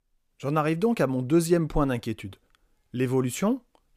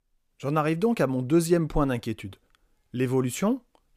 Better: neither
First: none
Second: none

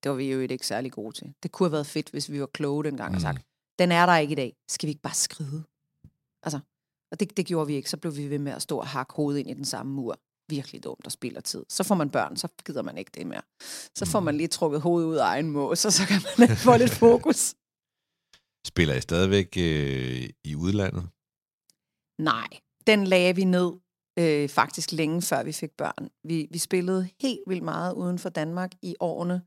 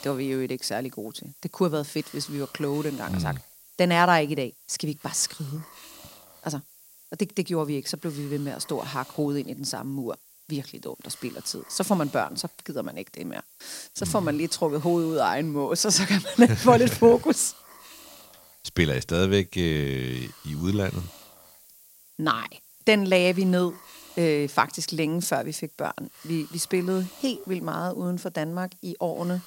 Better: first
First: none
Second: hiss; faint; throughout; 20 dB below the speech

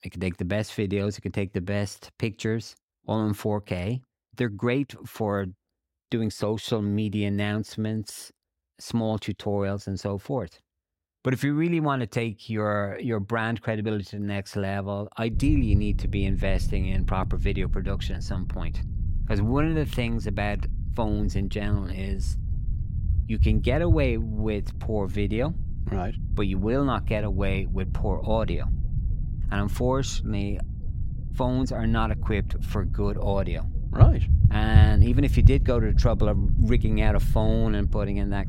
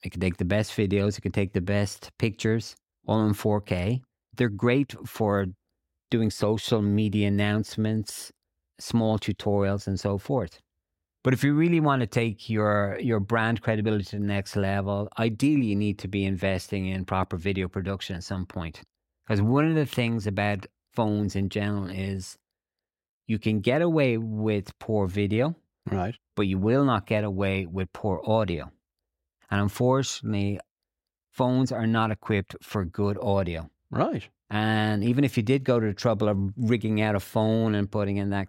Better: second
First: low rumble; noticeable; from 15 s on; 10 dB below the speech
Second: none

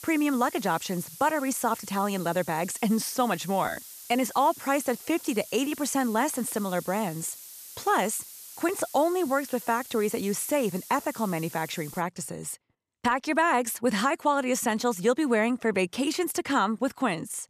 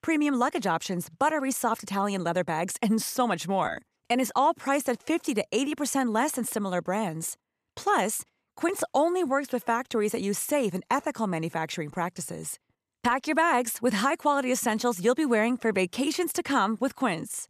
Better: second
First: hiss; noticeable; until 12 s; 15 dB below the speech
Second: none

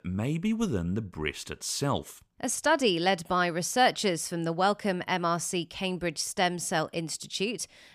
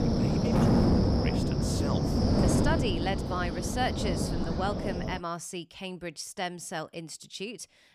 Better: first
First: none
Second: wind noise on the microphone; heavy; until 5 s; 2 dB above the speech

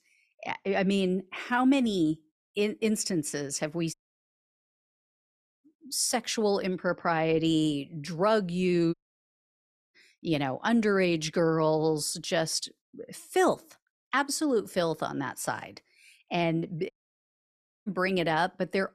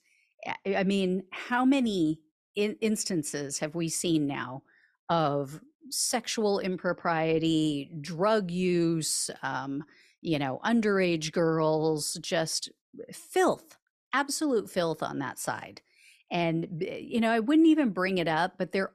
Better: second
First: audio cutting out; at 4 s for 1.5 s, at 9 s for 1 s and at 17 s for 1 s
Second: none

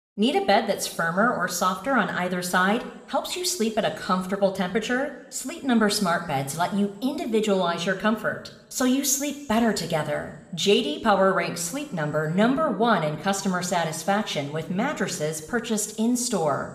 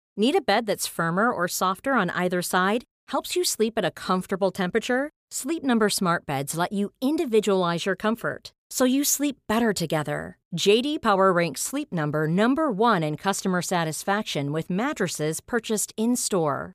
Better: second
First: room echo; slight; dies away in 0.8 s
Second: none

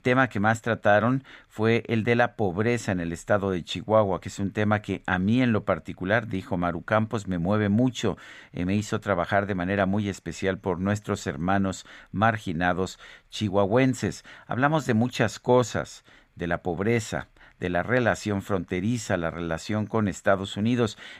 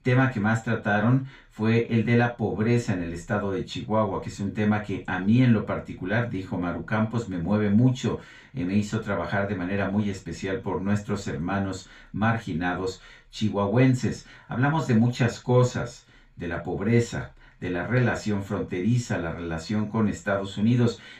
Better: first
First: none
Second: room echo; slight; dies away in 0.2 s // off-mic speech; far

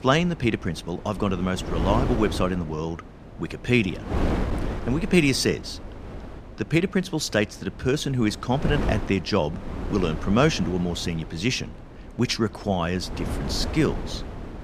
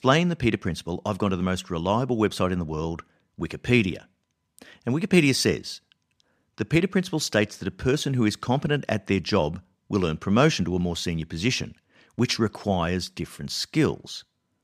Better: second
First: wind noise on the microphone; heavy; 10 dB below the speech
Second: none

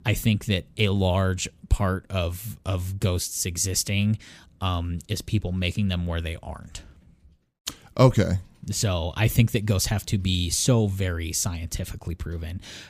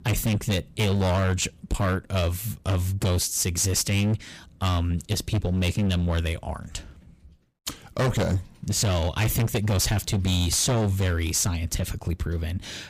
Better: first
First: none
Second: distortion; heavy; 16% of the sound clipped

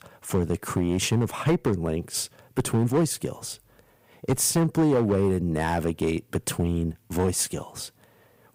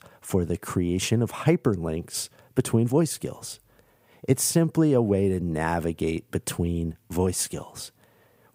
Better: second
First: distortion; slight; 5% of the sound clipped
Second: none

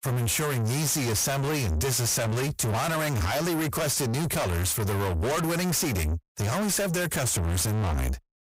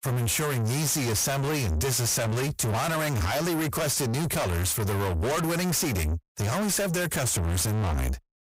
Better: neither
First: distortion; heavy; 6 dB below the speech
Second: distortion; heavy; 6 dB below the speech

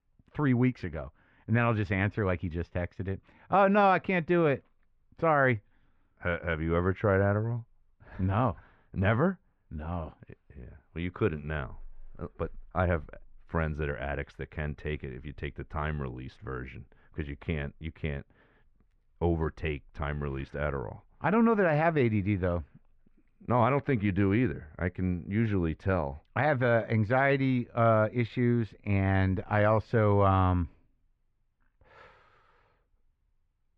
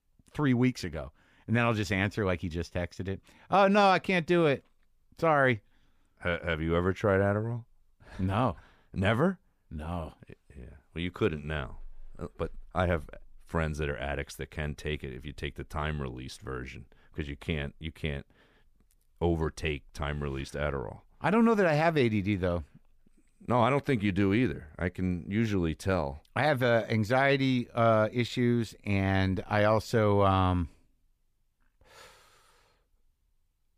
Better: second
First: muffled; very; fading above 2 kHz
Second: none

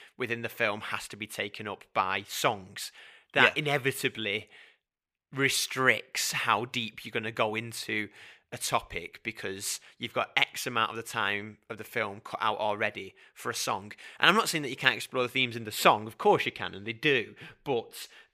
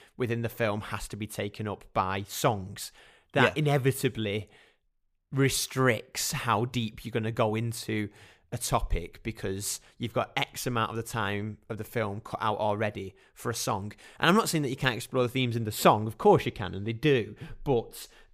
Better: second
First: thin; somewhat; fading below 600 Hz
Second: none

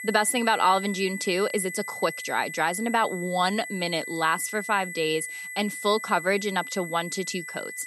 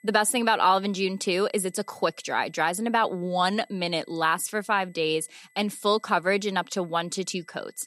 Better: second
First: high-pitched whine; loud; throughout; 2 kHz, 9 dB below the speech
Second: high-pitched whine; faint; throughout; 2 kHz, 35 dB below the speech

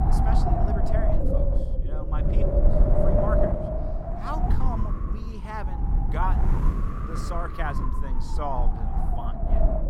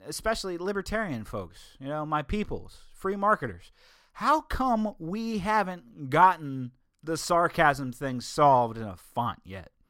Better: second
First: wind noise on the microphone; heavy; 3 dB above the speech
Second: none

